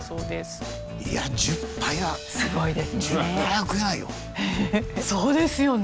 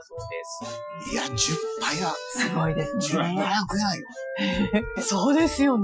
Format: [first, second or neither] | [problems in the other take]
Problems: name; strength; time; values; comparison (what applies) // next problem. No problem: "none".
first | noise reduction (classical method Wiener filter)